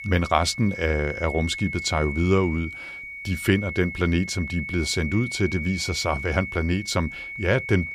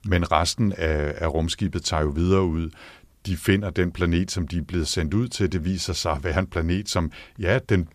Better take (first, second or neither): second